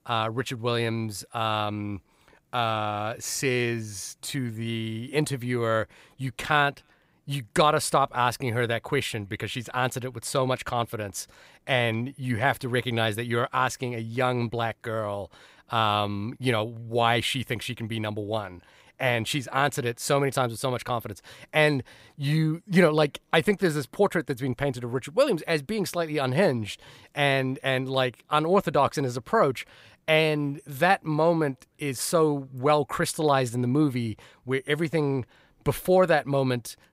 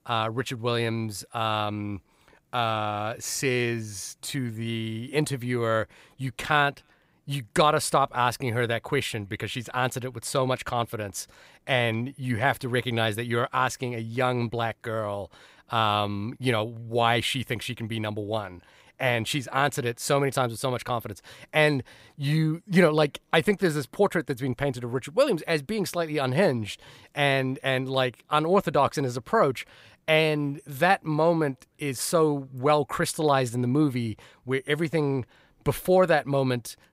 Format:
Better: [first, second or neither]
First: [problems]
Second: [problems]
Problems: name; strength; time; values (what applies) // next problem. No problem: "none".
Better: neither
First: none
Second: none